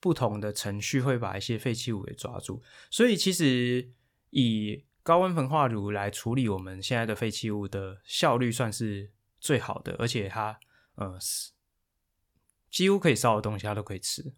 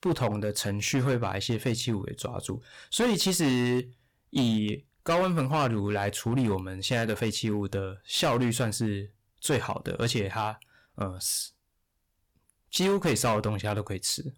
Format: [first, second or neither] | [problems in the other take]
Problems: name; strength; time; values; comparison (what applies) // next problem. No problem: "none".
first | distortion; heavy; 8% of the sound clipped